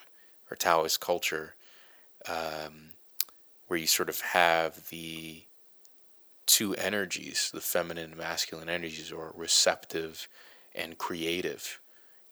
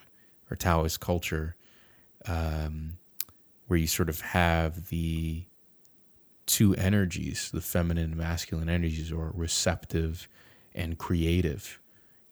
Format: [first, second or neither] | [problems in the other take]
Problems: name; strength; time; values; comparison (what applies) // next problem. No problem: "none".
second | thin; very; fading below 500 Hz